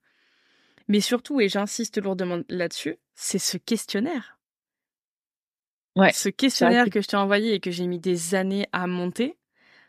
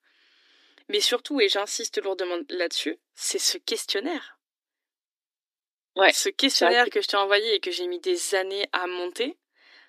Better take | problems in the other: first | thin; somewhat; fading below 300 Hz

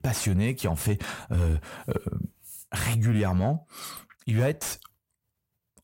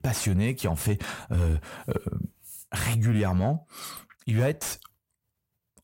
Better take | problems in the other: neither | distortion; slight; 10 dB below the speech; the same in both

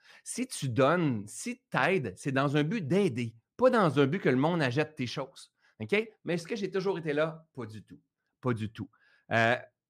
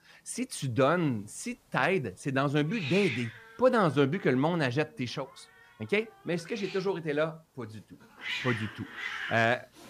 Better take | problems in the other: first | hiss; loud; throughout; 8 dB below the speech

